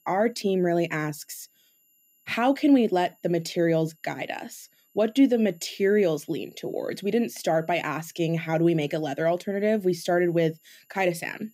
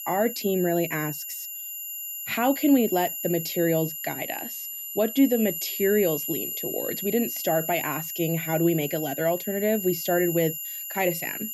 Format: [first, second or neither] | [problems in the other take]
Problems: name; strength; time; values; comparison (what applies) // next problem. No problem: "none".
first | high-pitched whine; loud; throughout; 12 kHz, 5 dB below the speech; faint in the first